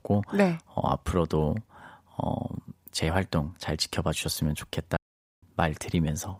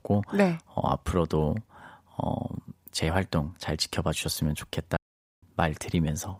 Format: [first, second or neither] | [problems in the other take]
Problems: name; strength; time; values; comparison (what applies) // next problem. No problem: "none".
neither | audio cutting out; at 5 s; the same in both